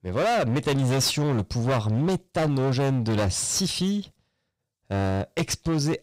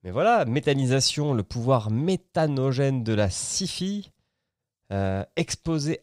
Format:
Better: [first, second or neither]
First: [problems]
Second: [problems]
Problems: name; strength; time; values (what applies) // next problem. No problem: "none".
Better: second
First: distortion; heavy; 23% of the sound clipped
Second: none